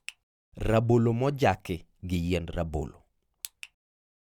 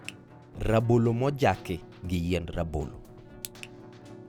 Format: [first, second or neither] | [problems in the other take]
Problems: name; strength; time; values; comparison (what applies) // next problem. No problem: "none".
first | background sound (Keyboard (musical)); 17 dB below the speech